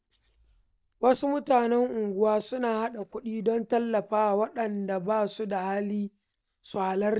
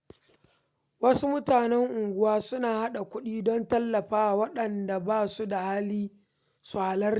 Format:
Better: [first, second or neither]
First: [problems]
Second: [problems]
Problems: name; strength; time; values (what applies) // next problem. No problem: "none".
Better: second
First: noise reduction (neural mask model DeepFilterNet 3)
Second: none